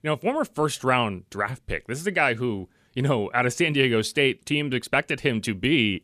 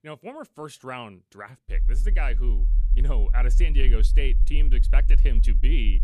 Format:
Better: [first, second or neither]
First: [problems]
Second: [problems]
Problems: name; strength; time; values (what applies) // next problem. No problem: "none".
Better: first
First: none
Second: low rumble; noticeable; from 1.5 s on; 15 dB below the speech